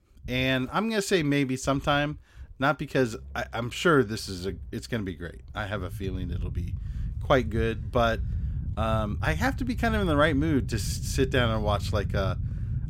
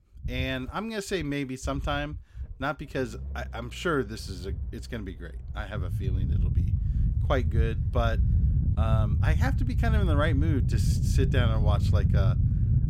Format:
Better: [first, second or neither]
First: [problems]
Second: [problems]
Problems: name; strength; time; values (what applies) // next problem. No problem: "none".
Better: first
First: low rumble; faint; throughout; 20 dB below the speech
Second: low rumble; loud; throughout; 7 dB below the speech